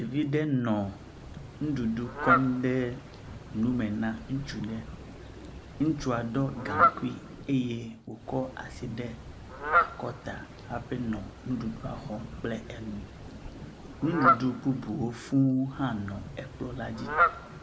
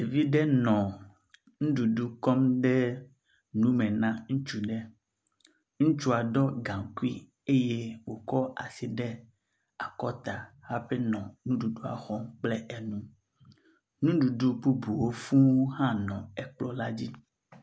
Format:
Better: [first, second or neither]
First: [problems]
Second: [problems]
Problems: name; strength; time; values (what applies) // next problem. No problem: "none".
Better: second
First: background sound (Fowl); 2 dB below the speech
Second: none